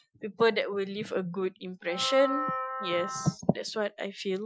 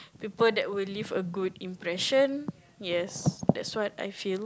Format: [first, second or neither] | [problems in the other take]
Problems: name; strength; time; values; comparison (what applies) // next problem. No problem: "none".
second | noise reduction (classical method Wiener filter)